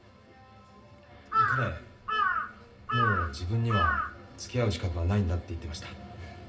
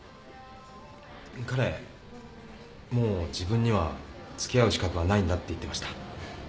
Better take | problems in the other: second | background sound (Bird vocalization, bird call, bird song / Crow); 2 dB above the speech // room echo; dies away in 0.4 s

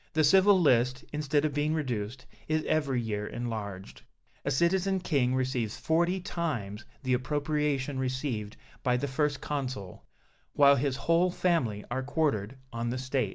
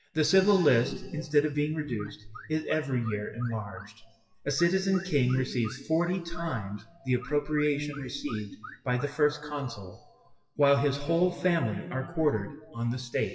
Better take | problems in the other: first | noise reduction (classical method WPE with log-MMSE)

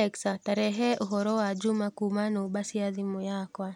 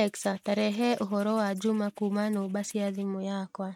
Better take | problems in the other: first | noise reduction (neural mask model RNNoise)

